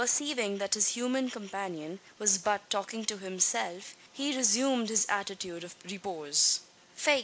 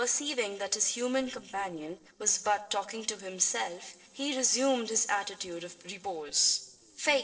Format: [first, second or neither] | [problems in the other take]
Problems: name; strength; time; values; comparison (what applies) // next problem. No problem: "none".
first | noise reduction (neural separator model SepFormer DNS4)